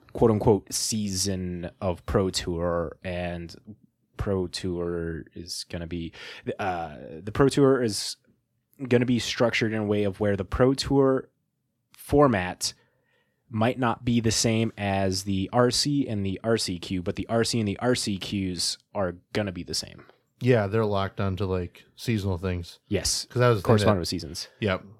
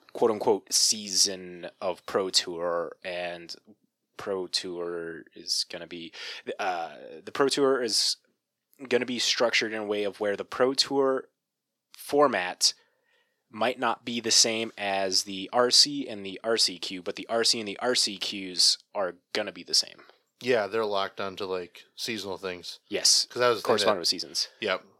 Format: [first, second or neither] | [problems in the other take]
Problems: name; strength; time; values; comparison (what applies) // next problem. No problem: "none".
first | thin; somewhat; fading below 400 Hz